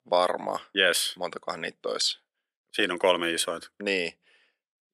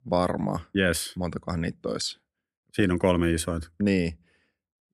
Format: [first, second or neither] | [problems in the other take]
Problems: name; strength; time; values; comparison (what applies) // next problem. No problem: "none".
second | thin; very; fading below 600 Hz